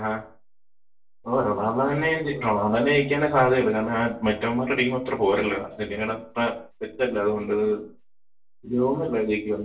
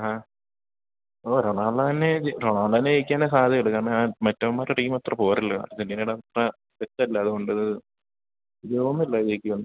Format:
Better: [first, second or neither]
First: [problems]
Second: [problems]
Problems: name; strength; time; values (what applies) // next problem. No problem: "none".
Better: second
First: room echo; dies away in 0.3 s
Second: none